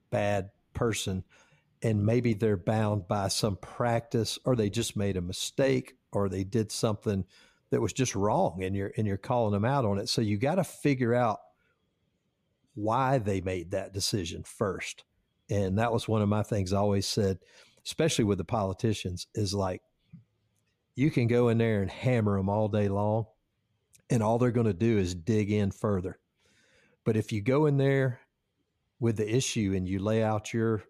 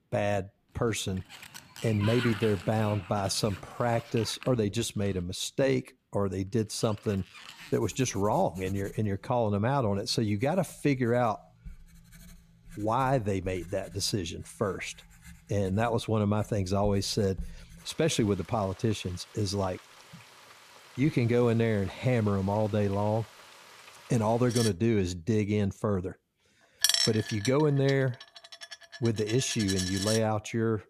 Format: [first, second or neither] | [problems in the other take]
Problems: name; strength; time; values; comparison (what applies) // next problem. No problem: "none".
first | household noises; loud; throughout; 8 dB below the speech